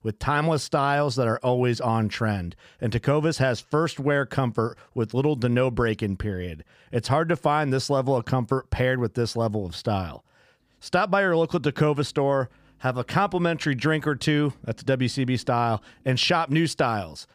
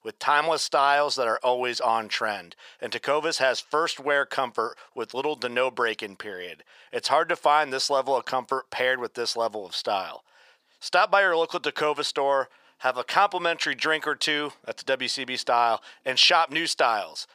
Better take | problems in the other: first | thin; very; fading below 650 Hz

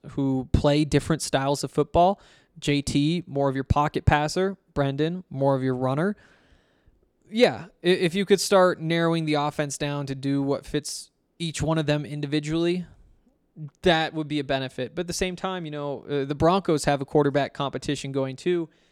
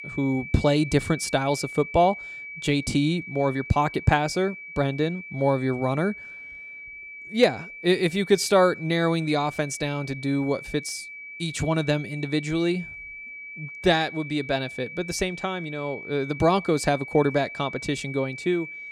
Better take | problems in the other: first | high-pitched whine; noticeable; throughout; 2.5 kHz, 10 dB below the speech

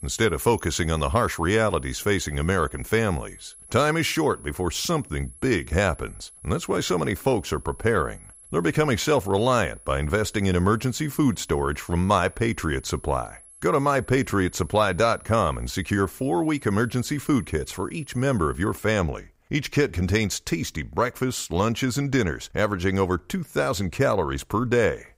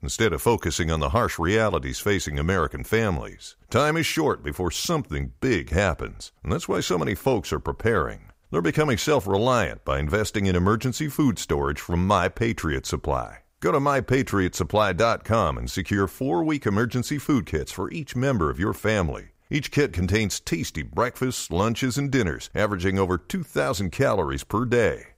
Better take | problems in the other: second | high-pitched whine; faint; until 19 s; 11 kHz, 20 dB below the speech

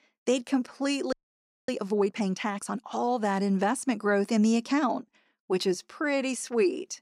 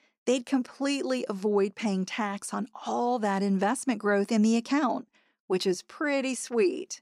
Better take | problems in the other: second | audio freezing; at 1 s for 0.5 s

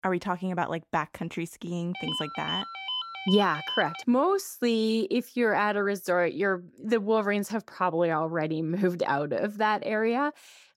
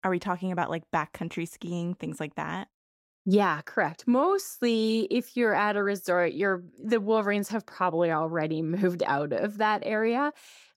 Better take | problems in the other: second | phone ringing; noticeable; from 2 to 4 s; peak 4 dB below the speech

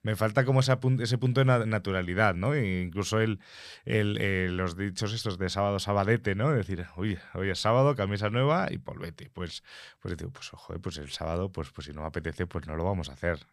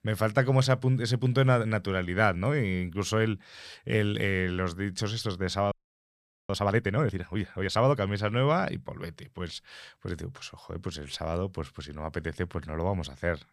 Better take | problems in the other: first | audio freezing; at 5.5 s for 1 s

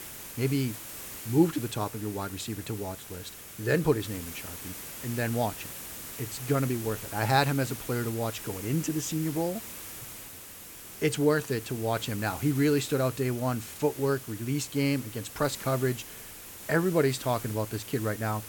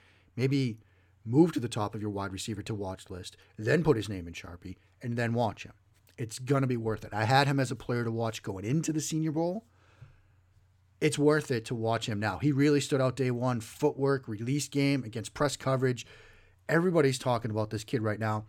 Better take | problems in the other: second | hiss; noticeable; throughout; 10 dB below the speech

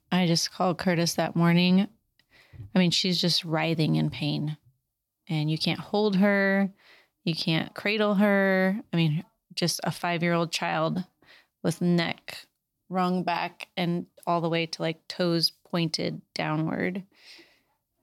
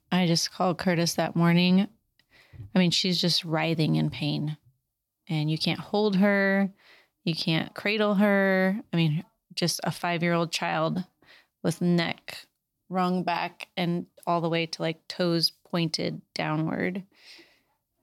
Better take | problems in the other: neither | none

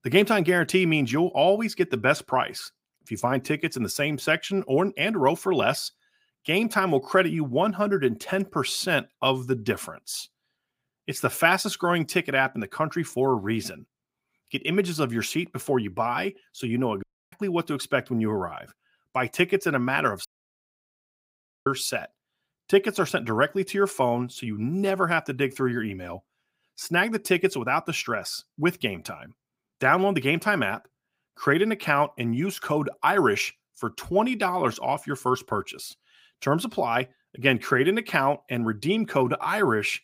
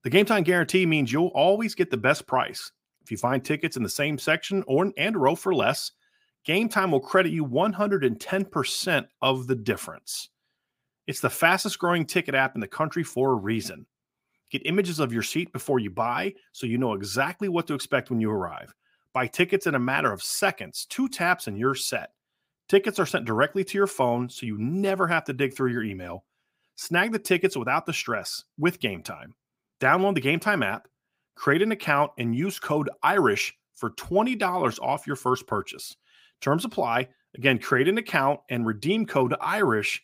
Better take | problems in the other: second | audio cutting out; at 17 s and at 20 s for 1.5 s

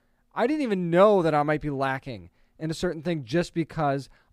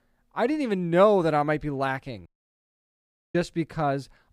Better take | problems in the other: first | audio cutting out; at 2.5 s for 1 s

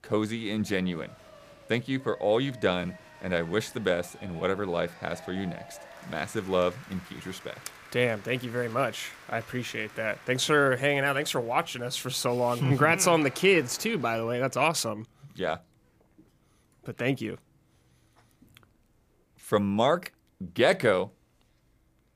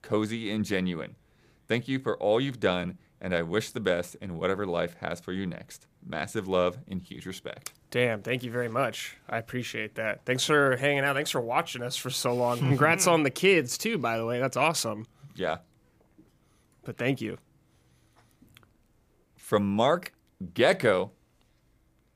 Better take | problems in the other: second | crowd noise; faint; until 14 s; 20 dB below the speech

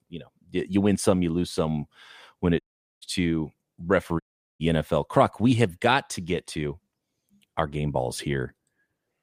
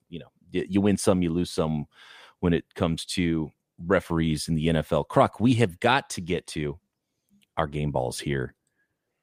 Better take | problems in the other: second | audio cutting out; at 2.5 s and at 4 s

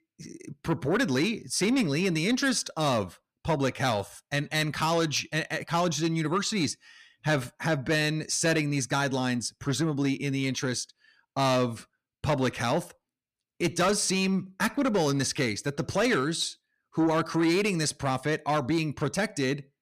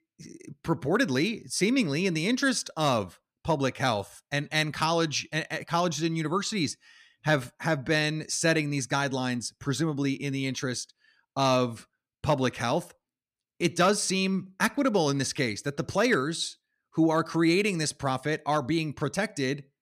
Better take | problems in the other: second | distortion; slight; 10 dB below the speech

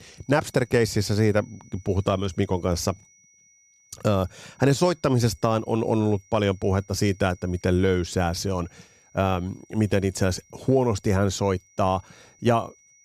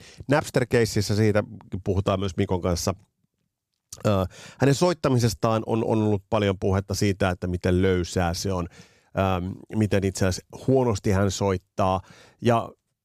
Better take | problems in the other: second | high-pitched whine; faint; throughout; 5.5 kHz, 30 dB below the speech

